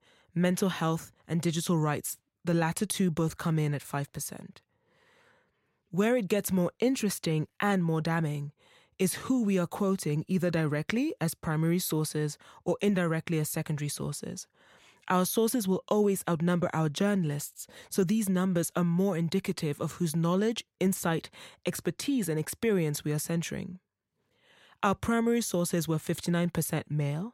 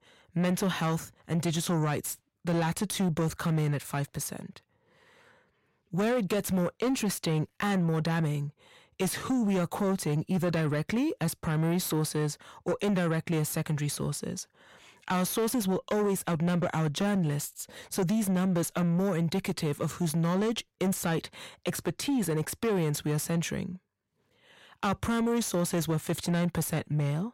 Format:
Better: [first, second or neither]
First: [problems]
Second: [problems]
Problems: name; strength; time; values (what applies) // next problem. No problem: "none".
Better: first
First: none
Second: distortion; slight; 10 dB below the speech